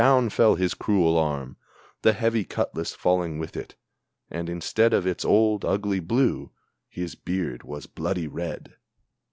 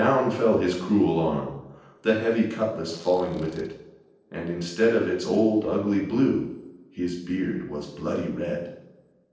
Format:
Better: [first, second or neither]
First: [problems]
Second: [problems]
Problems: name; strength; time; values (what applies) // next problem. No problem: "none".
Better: first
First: none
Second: noise reduction (neural separator model SepFormer DNS4)